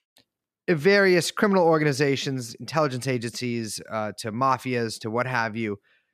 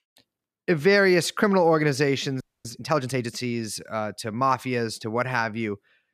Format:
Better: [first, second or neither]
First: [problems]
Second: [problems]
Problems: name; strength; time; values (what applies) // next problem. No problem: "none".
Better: first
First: none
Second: audio freezing; at 2.5 s